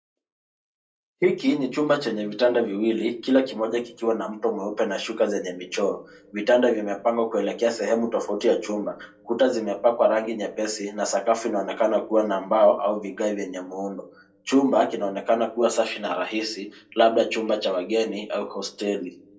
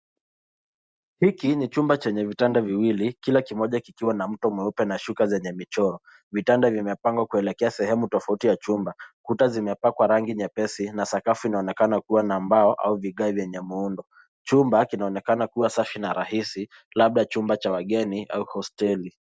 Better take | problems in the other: second | room echo; dies away in 0.2 s

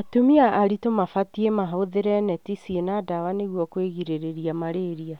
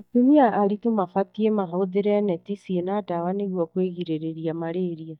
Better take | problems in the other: first | noise reduction (neural mask model DeepFilterNet 3)

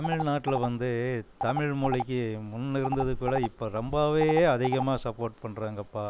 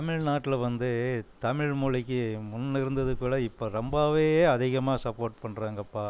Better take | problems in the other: second | background sound (Telephone); 8 dB below the speech

